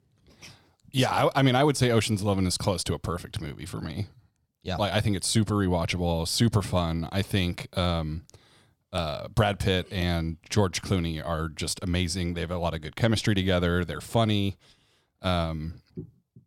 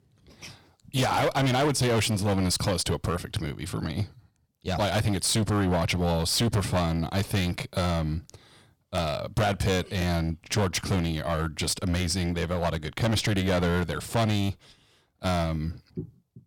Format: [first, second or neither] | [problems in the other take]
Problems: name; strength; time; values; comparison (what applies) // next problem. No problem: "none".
first | distortion; heavy; 12% of the sound clipped